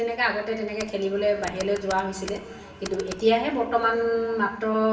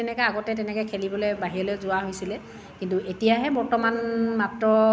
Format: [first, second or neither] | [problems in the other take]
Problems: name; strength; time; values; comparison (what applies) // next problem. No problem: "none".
second | background sound (Computer keyboard); 18 dB below the speech // room echo; dies away in 0.9 s